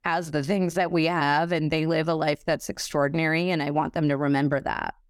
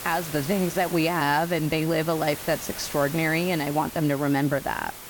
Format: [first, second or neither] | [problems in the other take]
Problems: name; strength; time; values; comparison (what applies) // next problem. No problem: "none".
first | hiss; noticeable; throughout; 10 dB below the speech